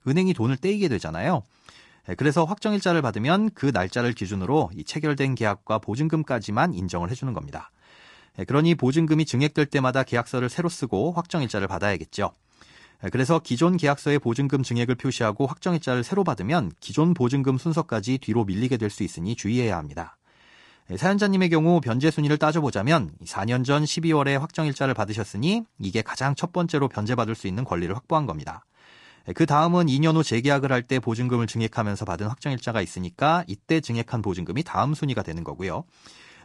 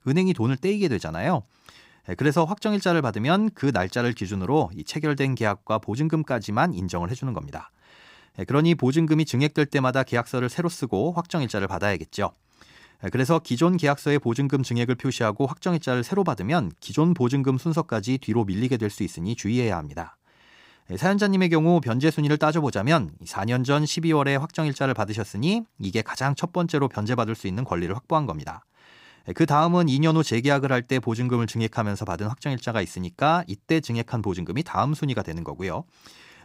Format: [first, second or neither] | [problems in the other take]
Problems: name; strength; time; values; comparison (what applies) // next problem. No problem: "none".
second | garbled, watery; slightly; nothing above 10.5 kHz